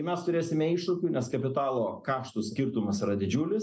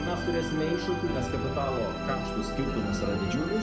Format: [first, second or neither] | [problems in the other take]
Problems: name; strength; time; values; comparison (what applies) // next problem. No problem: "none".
first | background sound (Musical instrument); 2 dB below the speech